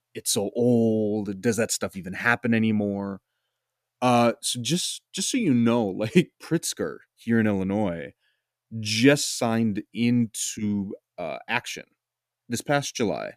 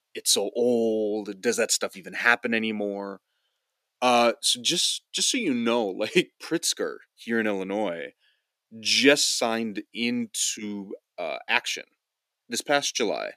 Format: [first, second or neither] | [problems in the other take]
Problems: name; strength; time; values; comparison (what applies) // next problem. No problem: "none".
first | thin; very slightly; fading below 350 Hz